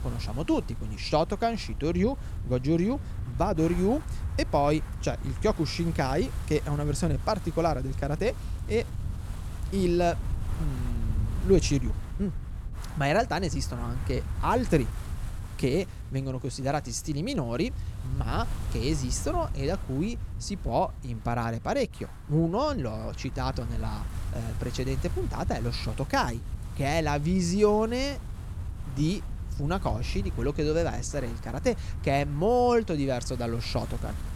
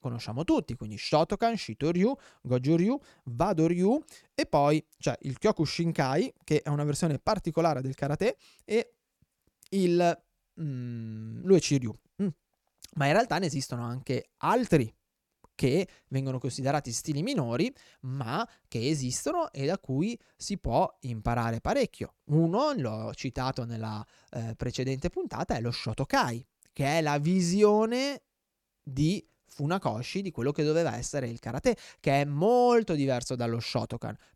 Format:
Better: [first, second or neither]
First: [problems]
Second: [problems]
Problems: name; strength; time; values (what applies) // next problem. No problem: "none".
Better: second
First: wind noise on the microphone; occasional gusts; 20 dB below the speech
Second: none